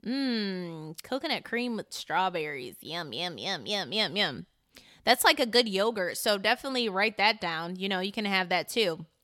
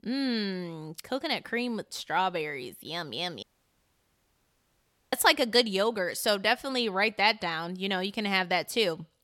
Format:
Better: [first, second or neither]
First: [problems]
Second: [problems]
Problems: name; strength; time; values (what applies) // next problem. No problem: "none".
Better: first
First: none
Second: audio cutting out; at 3.5 s for 1.5 s